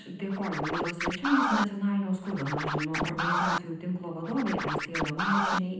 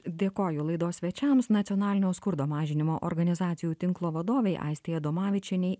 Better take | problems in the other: second | background sound (Scratching (performance technique)); as loud as the speech // room echo; dies away in 0.8 s

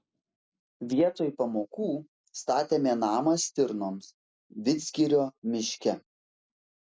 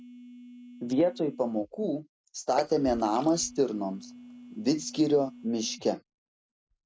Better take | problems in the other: first | background sound (Water / Splash, splatter + Telephone); 16 dB below the speech

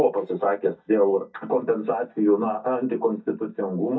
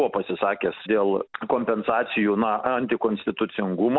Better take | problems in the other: second | noise reduction (neural mask model DeepFilterNet 3)

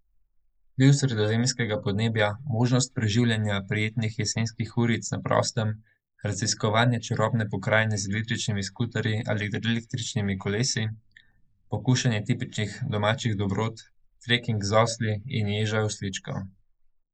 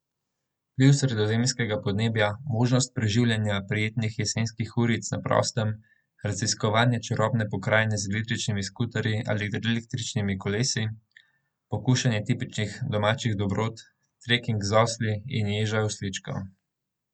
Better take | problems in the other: second | noise reduction (neural mask model Resemble Enhance denoiser)

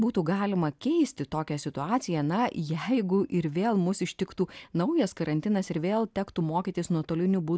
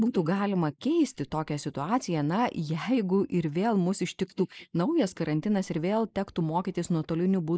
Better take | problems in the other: first | noise reduction (neural mask model Resemble Enhance denoiser)

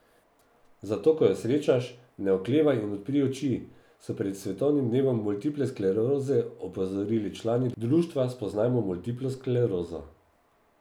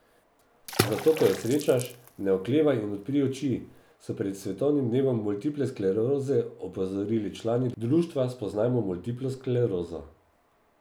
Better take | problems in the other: first | background sound (Water / Splash, splatter); 8 dB below the speech

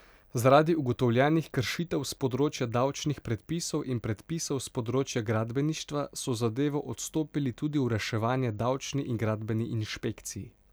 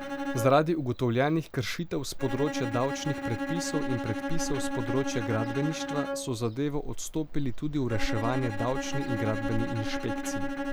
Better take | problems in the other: first | background sound (Ocean + Bowed string instrument); 2 dB below the speech

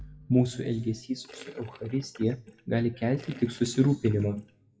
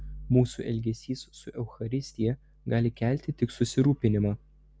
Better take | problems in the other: second | noise reduction (classical method WPE with log-MMSE)

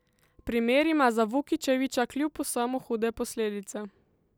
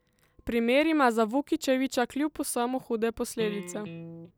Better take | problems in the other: first | background sound (Electric guitar); 12 dB below the speech

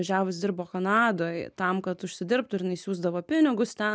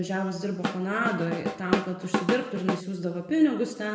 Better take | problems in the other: first | background sound (Drum / Drum kit); 2 dB below the speech // room echo; dies away in 1 s

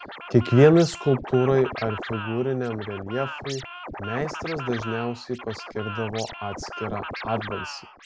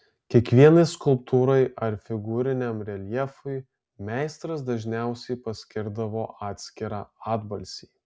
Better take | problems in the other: second | background sound (Scratching (performance technique)); 11 dB below the speech

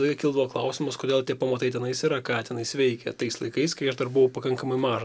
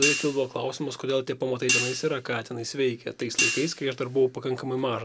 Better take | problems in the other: first | background sound (Hi-hat); 4 dB below the speech

